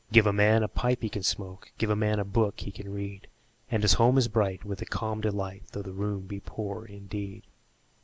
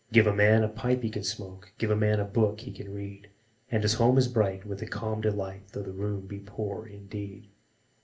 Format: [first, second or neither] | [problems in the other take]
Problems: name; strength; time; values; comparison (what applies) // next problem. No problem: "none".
first | room echo; dies away in 0.3 s